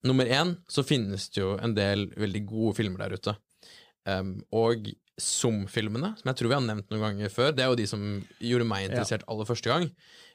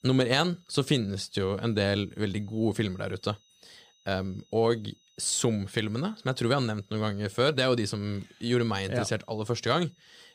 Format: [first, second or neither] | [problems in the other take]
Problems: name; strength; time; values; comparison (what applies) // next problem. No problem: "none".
first | high-pitched whine; faint; throughout; 4 kHz, 35 dB below the speech